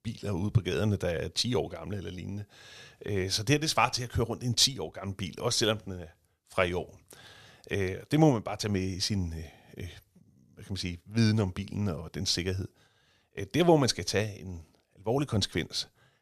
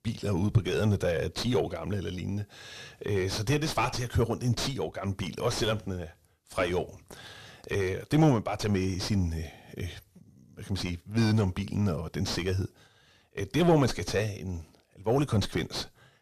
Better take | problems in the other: first | distortion; heavy; 3 dB below the speech

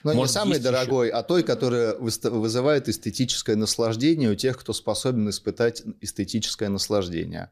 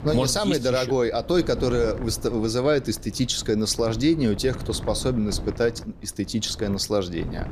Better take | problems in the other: first | wind noise on the microphone; occasional gusts; 20 dB below the speech

